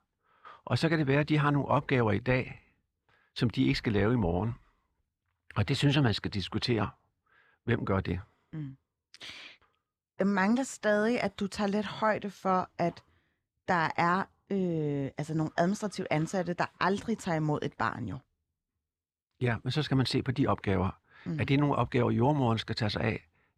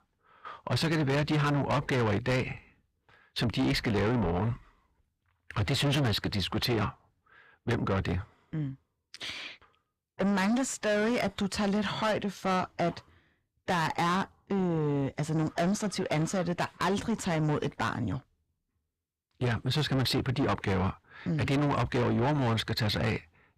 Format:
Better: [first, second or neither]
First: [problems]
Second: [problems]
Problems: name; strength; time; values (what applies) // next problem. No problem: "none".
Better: first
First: none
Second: distortion; heavy; 7 dB below the speech